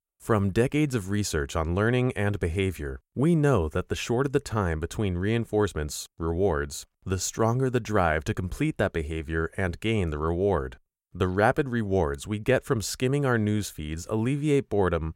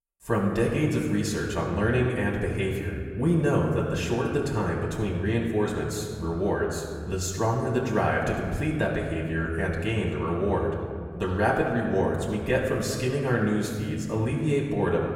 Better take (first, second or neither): first